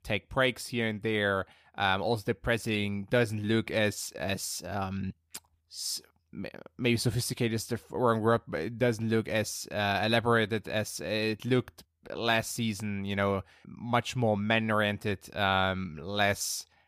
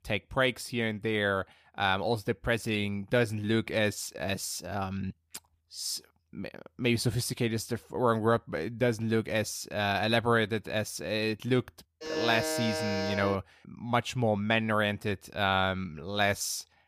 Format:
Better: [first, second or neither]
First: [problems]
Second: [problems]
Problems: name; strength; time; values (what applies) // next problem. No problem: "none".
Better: first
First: none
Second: alarm; noticeable; from 12 to 13 s; peak 2 dB below the speech